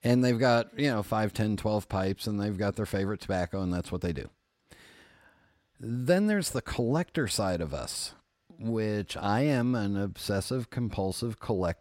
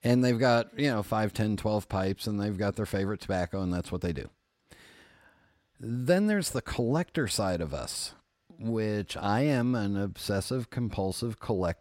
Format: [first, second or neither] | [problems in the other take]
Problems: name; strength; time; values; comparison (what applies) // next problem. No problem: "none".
neither | none